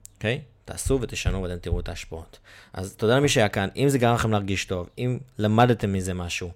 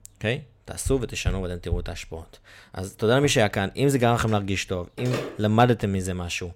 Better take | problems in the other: first | phone ringing; noticeable; from 4.5 to 5.5 s; peak 8 dB below the speech

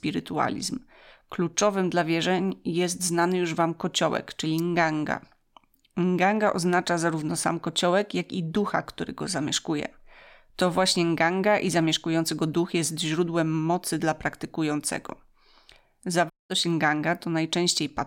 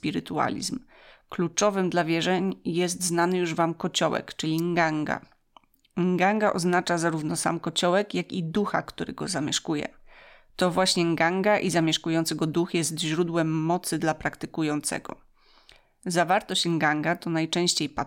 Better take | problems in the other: second | audio cutting out; at 16 s

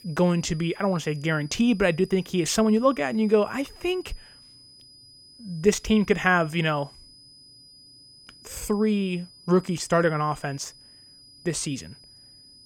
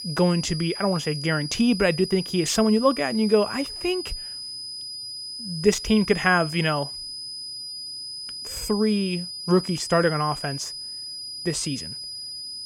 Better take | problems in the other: first | high-pitched whine; loud; throughout; 5 kHz, 9 dB below the speech; faint in the first

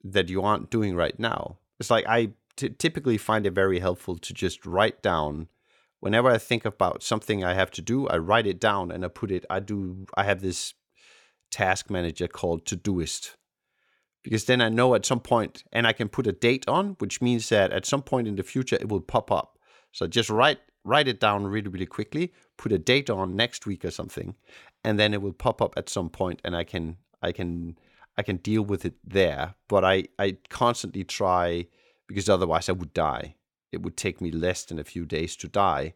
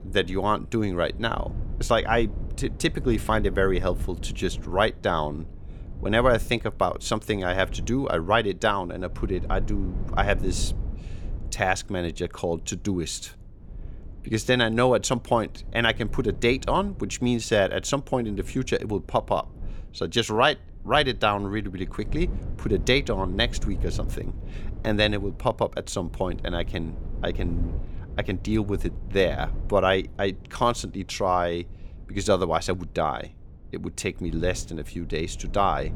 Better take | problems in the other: first | low rumble; faint; throughout; 25 dB below the speech

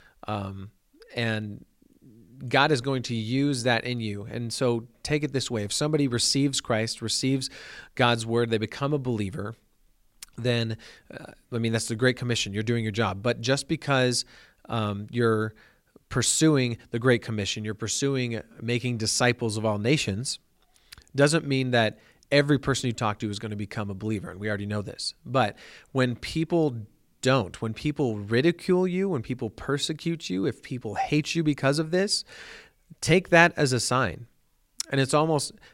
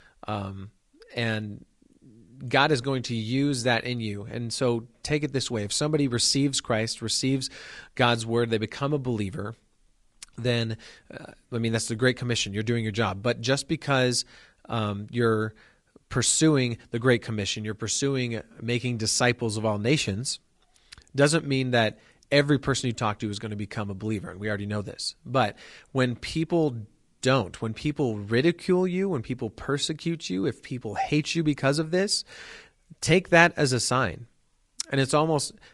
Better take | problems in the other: first | garbled, watery; slightly; nothing above 10 kHz

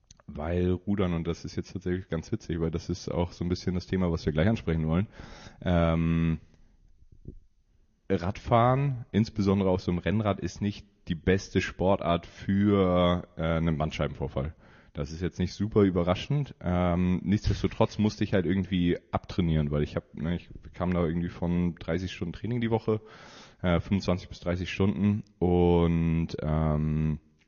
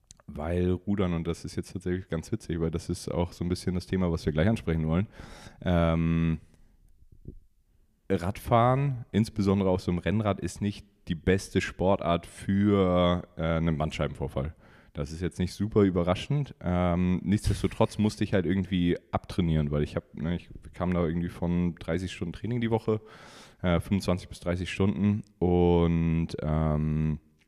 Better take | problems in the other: second | garbled, watery; slightly; nothing above 6.5 kHz

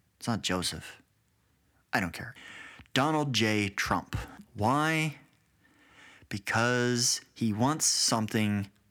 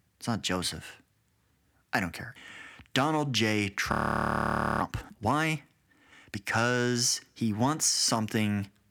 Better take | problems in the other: first | audio freezing; at 4 s for 1 s

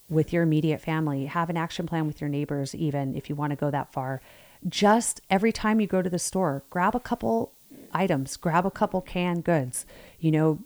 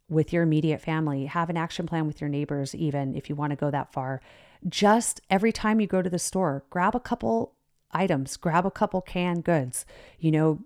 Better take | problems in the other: second | hiss; faint; throughout; 25 dB below the speech

